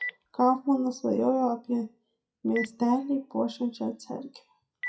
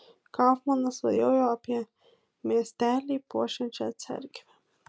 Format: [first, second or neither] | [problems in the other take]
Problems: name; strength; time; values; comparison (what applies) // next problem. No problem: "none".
second | noise reduction (classical method WPE with log-MMSE)